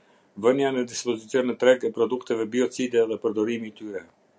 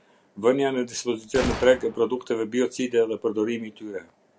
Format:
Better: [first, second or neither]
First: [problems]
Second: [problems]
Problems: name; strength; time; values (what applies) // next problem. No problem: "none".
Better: first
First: none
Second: background sound (Gunshot, gunfire); 12 dB below the speech